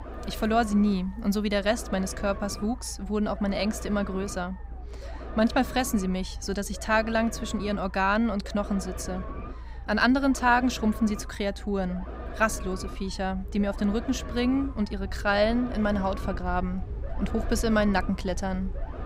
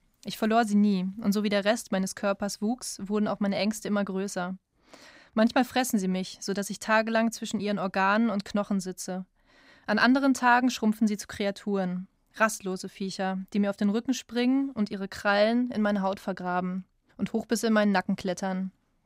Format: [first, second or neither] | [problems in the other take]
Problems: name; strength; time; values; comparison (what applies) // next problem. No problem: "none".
second | low rumble; noticeable; throughout; 15 dB below the speech